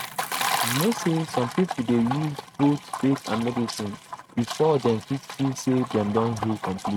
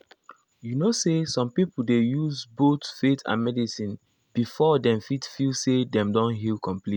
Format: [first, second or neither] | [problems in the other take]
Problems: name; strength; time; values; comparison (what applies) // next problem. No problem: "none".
second | noise reduction (neural mask model RNNoise)